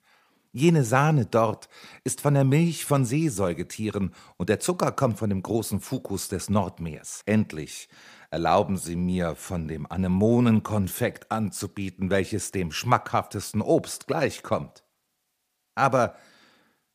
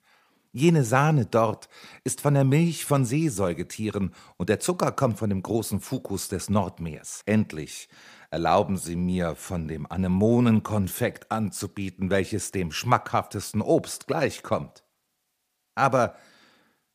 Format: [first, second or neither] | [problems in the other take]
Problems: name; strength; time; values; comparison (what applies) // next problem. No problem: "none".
neither | none